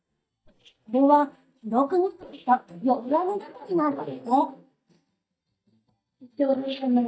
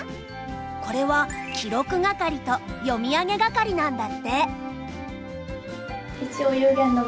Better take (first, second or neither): second